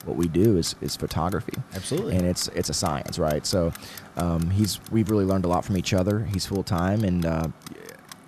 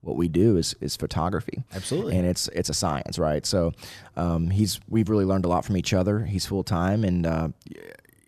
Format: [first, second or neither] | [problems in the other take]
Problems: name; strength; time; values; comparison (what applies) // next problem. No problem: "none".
second | household noises; noticeable; throughout; 20 dB below the speech